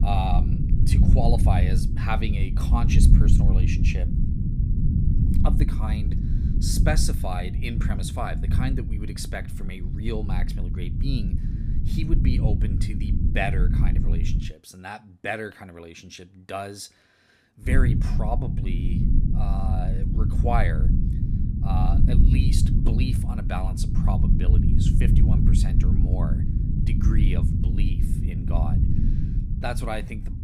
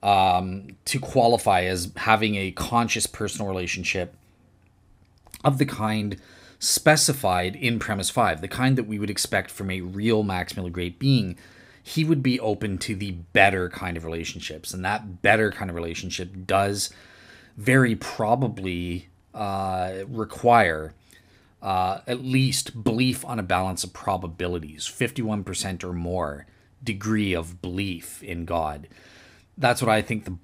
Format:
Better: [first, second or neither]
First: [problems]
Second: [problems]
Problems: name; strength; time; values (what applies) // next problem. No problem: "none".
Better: second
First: low rumble; loud; until 14 s and from 18 s on; 3 dB below the speech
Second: none